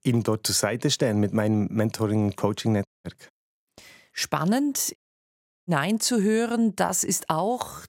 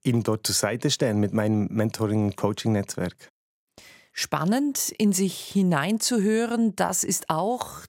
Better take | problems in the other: second | audio cutting out; at 3 s and at 5 s for 0.5 s

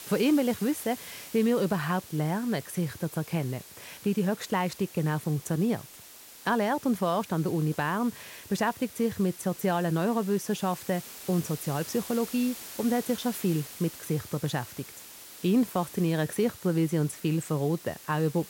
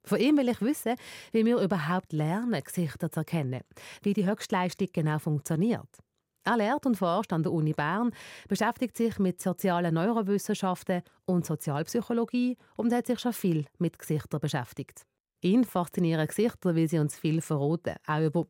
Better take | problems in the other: second | hiss; noticeable; throughout; 15 dB below the speech

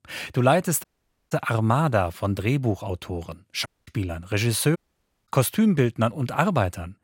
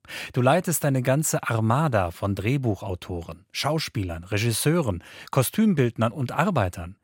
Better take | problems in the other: second | audio cutting out; at 1 s, at 3.5 s and at 5 s for 0.5 s

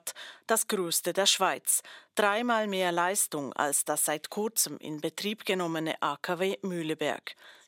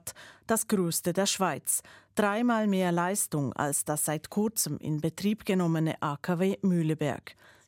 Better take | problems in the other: second | thin; somewhat; fading below 350 Hz

